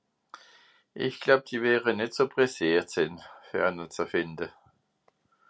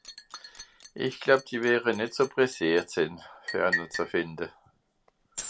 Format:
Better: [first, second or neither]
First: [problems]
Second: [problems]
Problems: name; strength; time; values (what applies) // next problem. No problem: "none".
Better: first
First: none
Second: background sound (Liquid); 12 dB below the speech